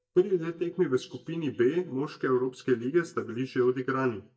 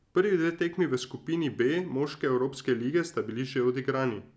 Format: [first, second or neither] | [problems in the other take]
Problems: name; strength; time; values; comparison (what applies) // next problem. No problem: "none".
second | noise reduction (neural mask model DeepFilterNet 3)